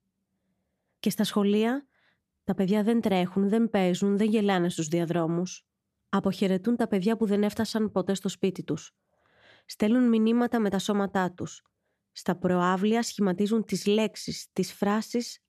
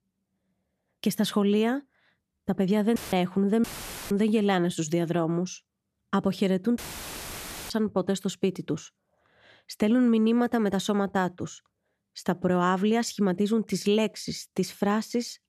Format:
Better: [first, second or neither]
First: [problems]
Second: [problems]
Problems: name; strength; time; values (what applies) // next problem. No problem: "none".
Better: first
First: none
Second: audio cutting out; filled with static; at 3 s, at 3.5 s and at 7 s for 1 s